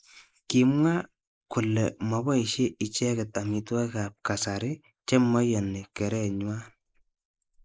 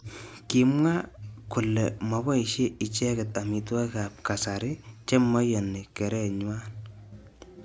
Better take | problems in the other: second | noise reduction (neural mask model Resemble Enhance denoiser)

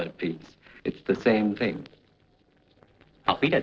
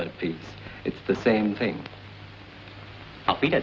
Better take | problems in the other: second | noise reduction (neural separator model SepFormer DNS4)

